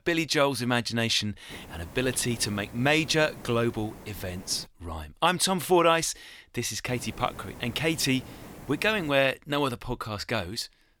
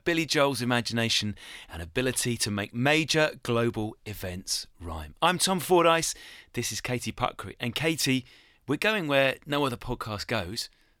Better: second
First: hiss; noticeable; from 1.5 to 4.5 s and from 7 to 9 s; 20 dB below the speech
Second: none

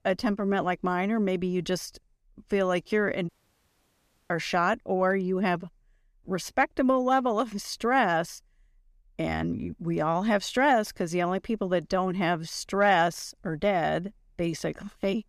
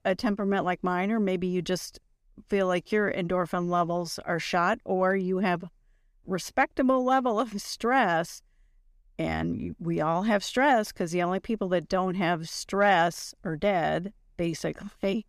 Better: second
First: audio cutting out; at 3.5 s for 1 s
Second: none

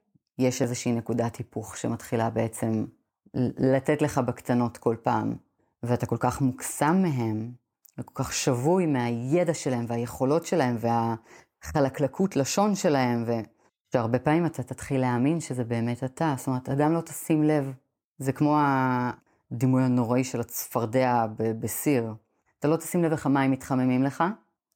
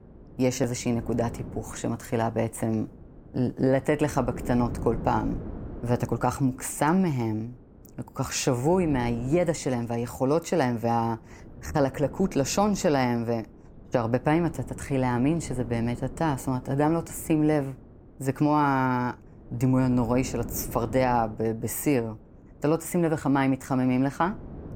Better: first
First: none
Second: wind noise on the microphone; occasional gusts; 20 dB below the speech

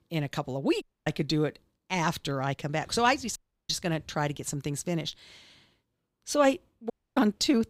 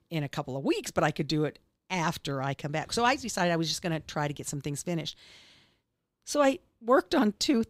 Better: second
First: audio cutting out; at 1 s, at 3.5 s and at 7 s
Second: none

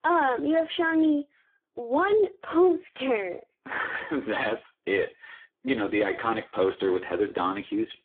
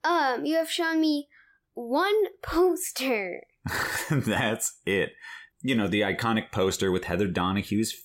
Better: second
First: phone-call audio; poor line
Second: none

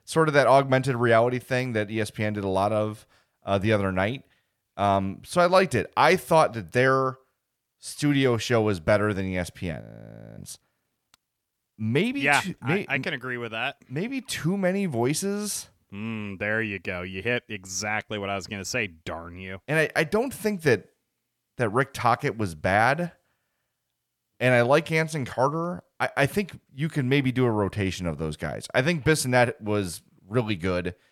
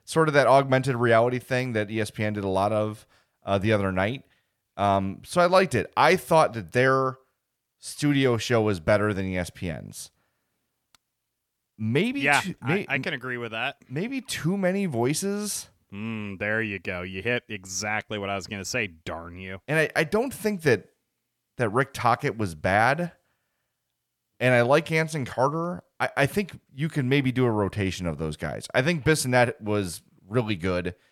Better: second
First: audio freezing; at 10 s for 0.5 s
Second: none

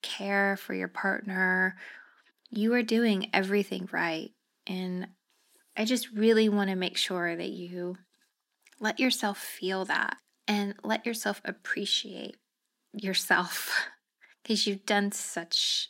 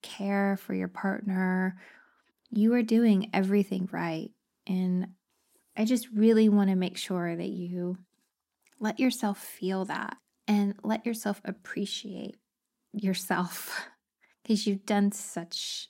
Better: second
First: thin; somewhat; fading below 300 Hz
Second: none

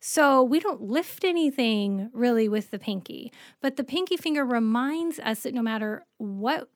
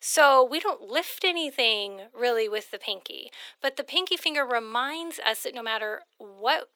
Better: first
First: none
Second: thin; very; fading below 450 Hz

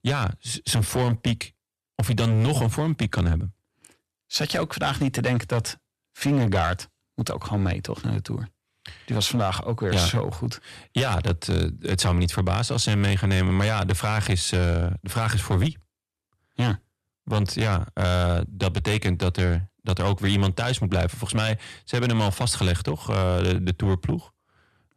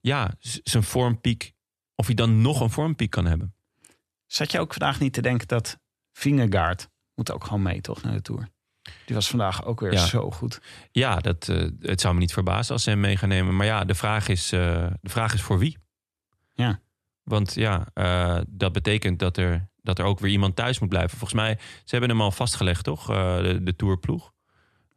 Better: second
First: distortion; slight; 7% of the sound clipped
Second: none

